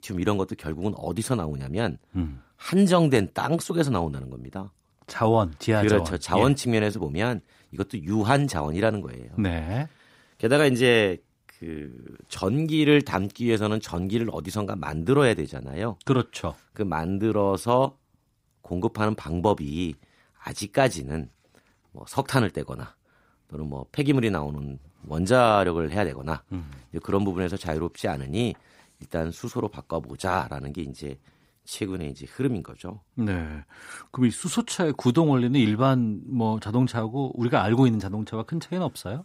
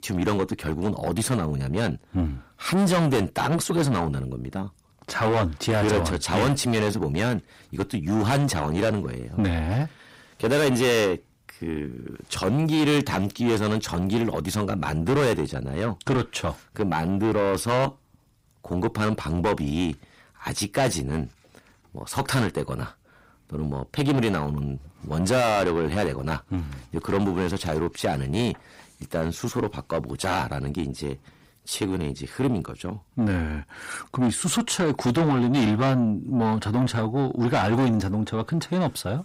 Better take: first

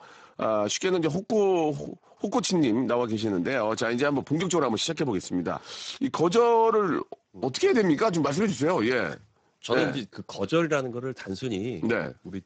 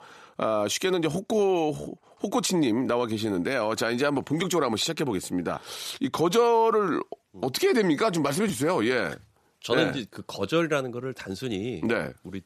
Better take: second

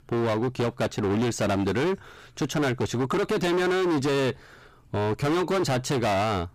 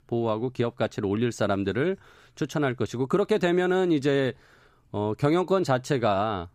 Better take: second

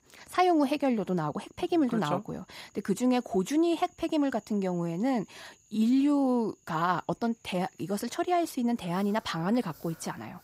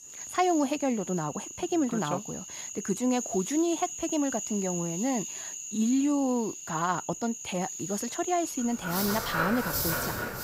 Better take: first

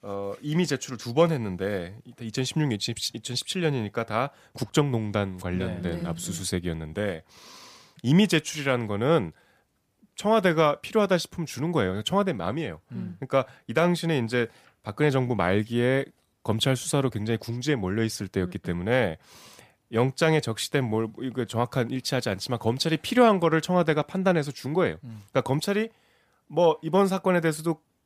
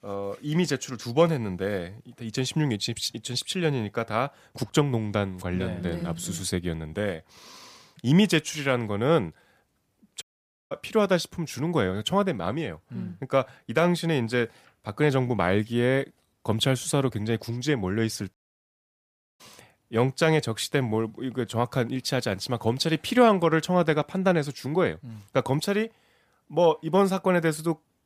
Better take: first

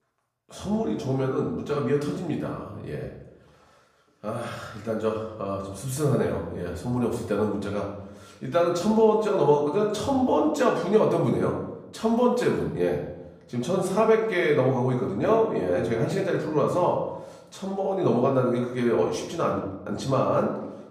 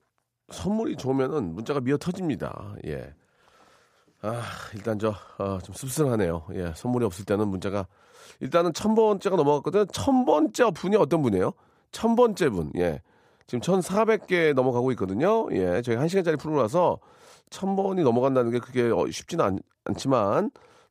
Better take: second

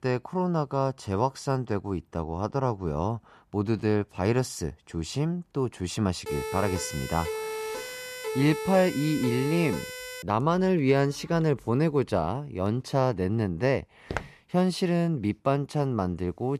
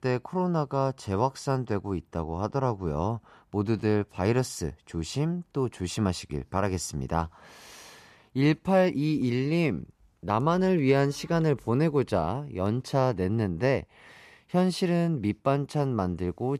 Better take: second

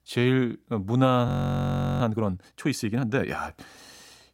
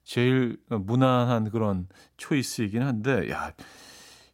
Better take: second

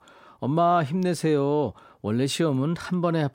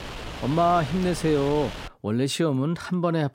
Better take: first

